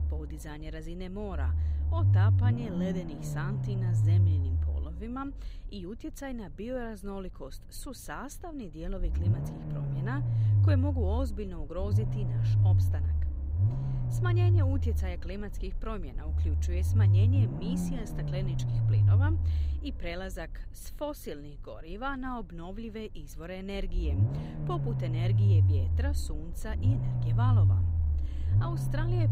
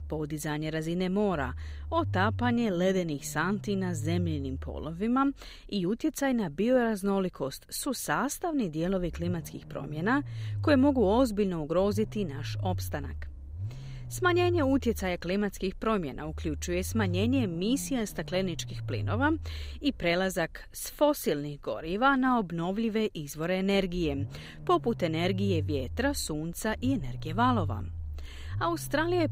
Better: second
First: low rumble; loud; throughout; 1 dB below the speech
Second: low rumble; faint; throughout; 20 dB below the speech

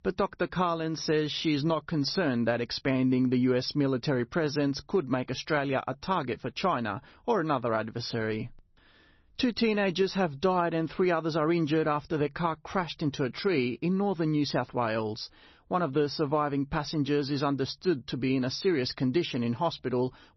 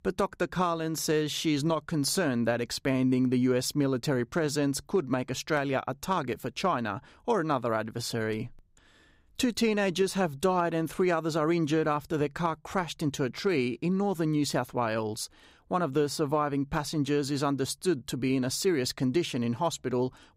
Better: second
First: garbled, watery; slightly; nothing above 6 kHz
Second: none

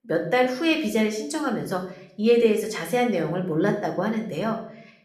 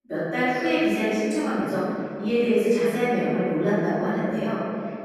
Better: first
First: room echo; slight; dies away in 0.5 s // off-mic speech; somewhat distant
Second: room echo; strong; dies away in 2.6 s // off-mic speech; far

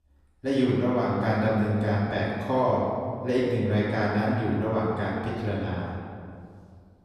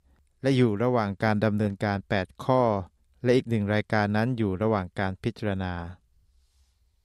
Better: second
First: off-mic speech; far // room echo; strong; dies away in 1.9 s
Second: none

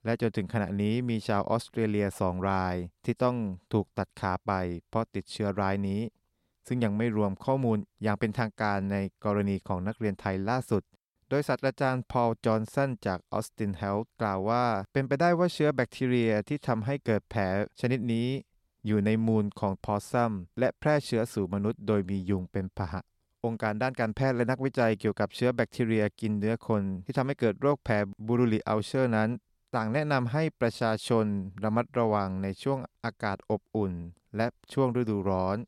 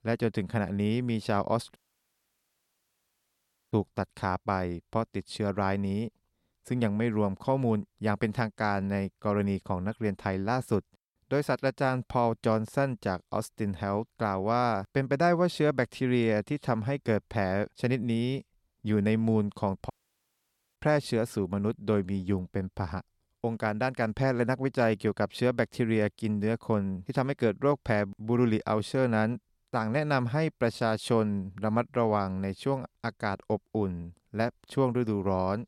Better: first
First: none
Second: audio cutting out; at 2 s for 2 s and at 20 s for 1 s

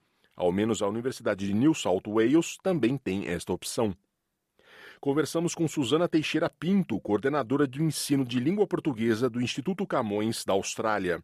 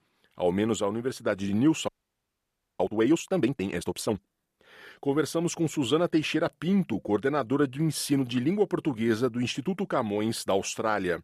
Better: first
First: none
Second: audio freezing; at 2 s for 1 s

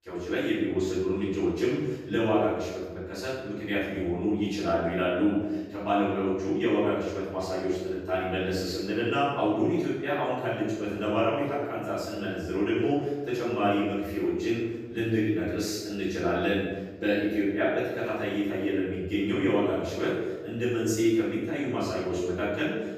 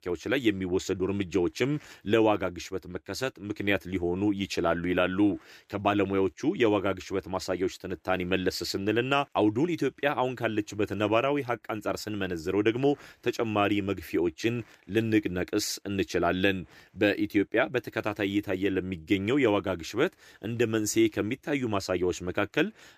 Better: second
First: off-mic speech; far // room echo; strong; dies away in 1 s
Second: none

